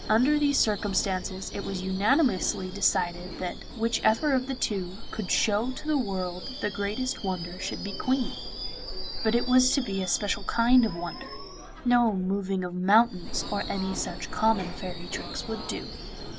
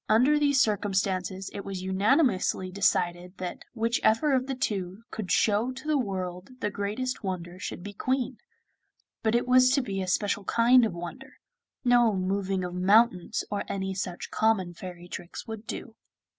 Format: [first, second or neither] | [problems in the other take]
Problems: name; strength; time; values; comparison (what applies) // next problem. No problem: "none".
second | background sound (Screech / Subway, metro, underground); 8 dB below the speech